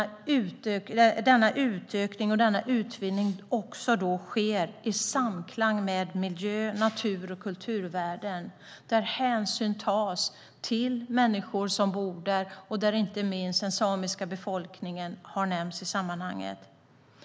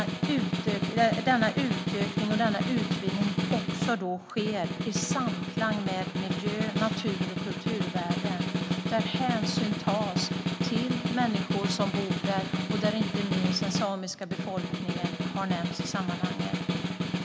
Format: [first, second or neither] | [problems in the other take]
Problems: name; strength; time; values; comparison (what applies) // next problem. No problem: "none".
first | background sound (Snare drum); 1 dB above the speech